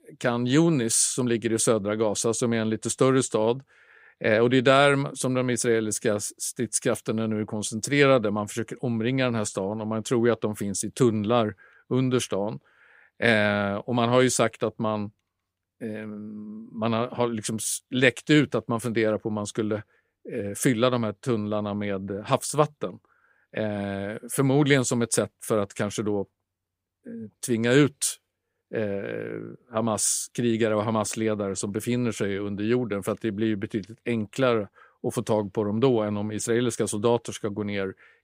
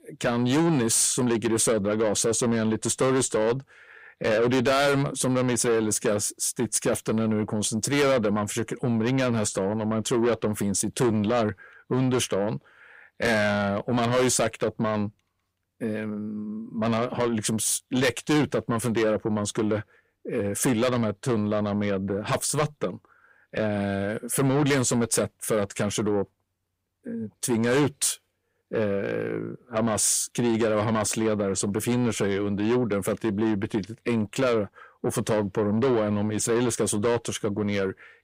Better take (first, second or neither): first